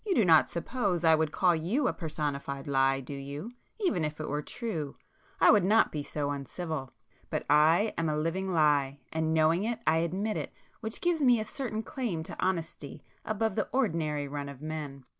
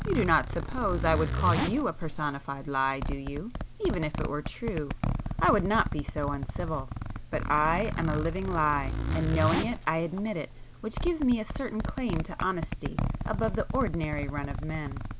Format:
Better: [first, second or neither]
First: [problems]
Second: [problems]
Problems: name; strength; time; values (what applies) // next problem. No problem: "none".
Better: first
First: none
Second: background sound (Zipper (clothing)); 3 dB below the speech